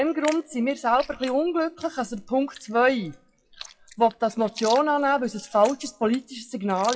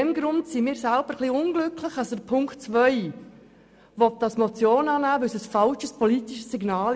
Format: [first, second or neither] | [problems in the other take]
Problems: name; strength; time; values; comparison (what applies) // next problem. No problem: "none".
second | noise reduction (classical method WPE with log-MMSE)